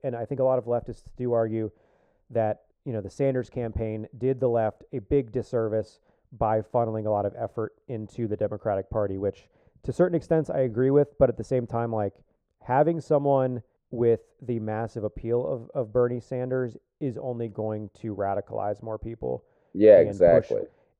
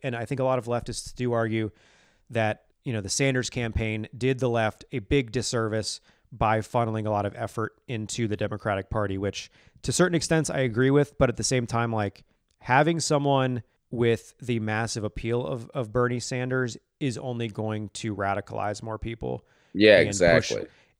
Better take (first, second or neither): second